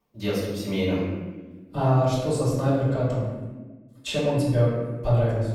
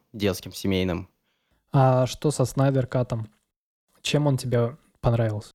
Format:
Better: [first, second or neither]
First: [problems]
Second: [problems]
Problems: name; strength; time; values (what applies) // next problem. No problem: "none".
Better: second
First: off-mic speech; far // room echo; noticeable; dies away in 1.2 s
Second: none